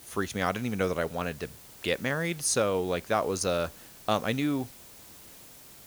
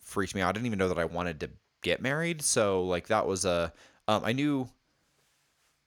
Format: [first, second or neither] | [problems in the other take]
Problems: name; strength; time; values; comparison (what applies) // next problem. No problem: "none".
second | hiss; noticeable; throughout; 20 dB below the speech